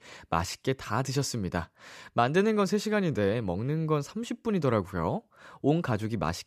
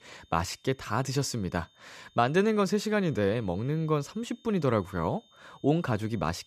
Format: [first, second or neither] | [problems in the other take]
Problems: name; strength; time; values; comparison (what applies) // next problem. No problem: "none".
first | high-pitched whine; faint; throughout; 3.5 kHz, 30 dB below the speech